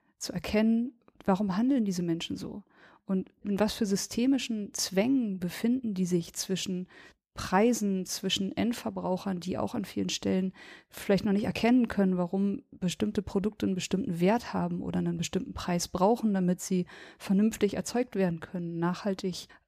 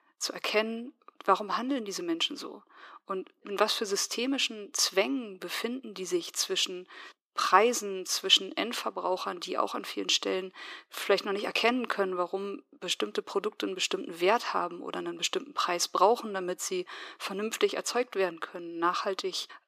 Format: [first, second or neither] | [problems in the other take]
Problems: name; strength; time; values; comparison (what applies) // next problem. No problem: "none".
first | thin; very; fading below 350 Hz